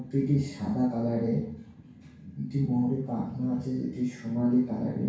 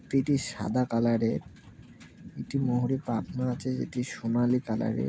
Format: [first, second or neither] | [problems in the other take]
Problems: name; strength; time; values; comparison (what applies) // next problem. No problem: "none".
second | room echo; dies away in 0.6 s